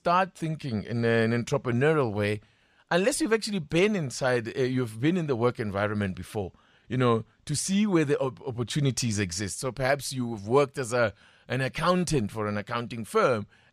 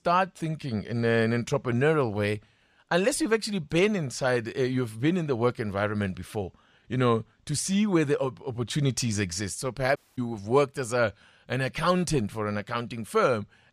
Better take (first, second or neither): first